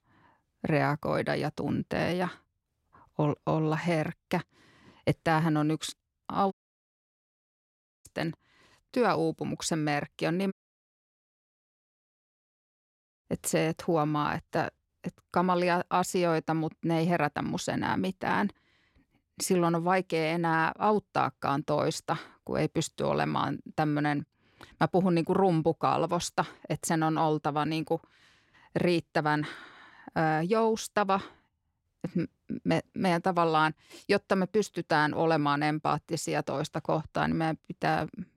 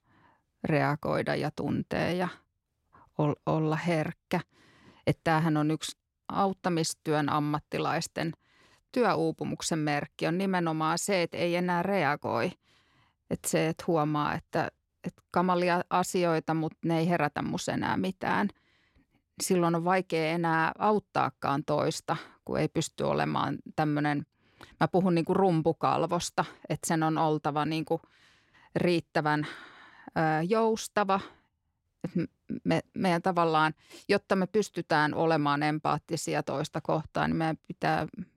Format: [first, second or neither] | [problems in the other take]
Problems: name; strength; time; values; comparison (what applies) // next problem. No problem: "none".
second | audio cutting out; at 6.5 s for 1.5 s and at 11 s for 2.5 s